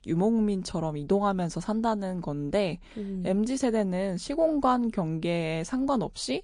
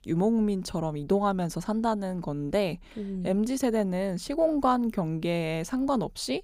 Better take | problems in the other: second | garbled, watery; slightly

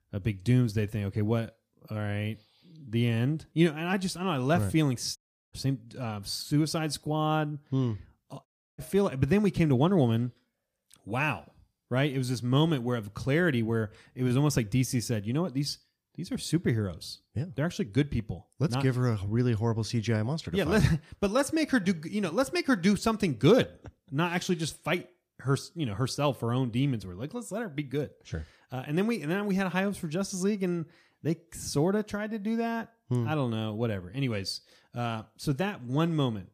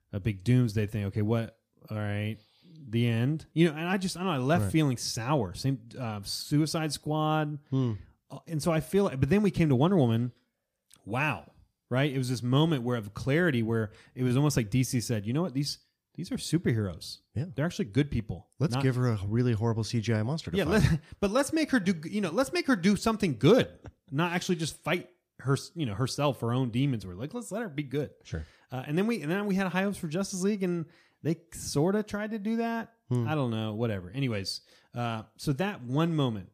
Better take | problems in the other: second | audio cutting out; at 5 s and at 8.5 s

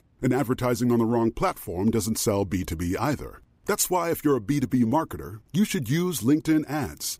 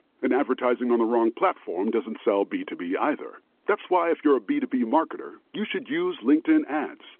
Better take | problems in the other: first | phone-call audio

